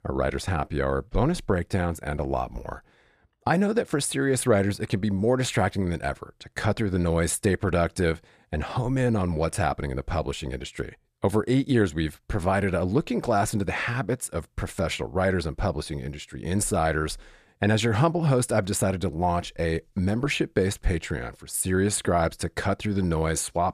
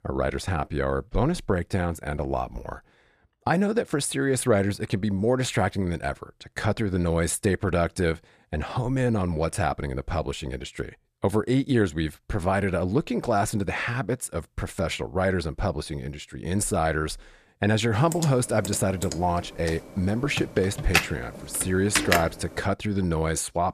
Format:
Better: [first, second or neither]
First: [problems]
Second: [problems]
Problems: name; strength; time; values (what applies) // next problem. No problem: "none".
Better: first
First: none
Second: keyboard typing; loud; from 18 to 22 s; peak 3 dB above the speech